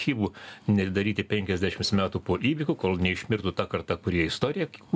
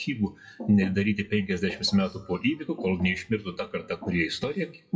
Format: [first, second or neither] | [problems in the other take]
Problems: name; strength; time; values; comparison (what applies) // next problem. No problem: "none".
first | noise reduction (classical method WPE with log-MMSE)